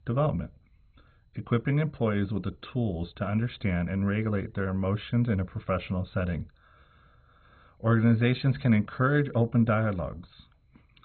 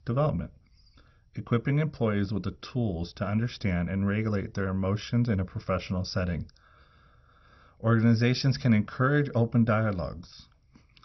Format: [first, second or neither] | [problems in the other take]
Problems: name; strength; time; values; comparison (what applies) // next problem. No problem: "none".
second | garbled, watery; badly; nothing above 4 kHz; slightly in the second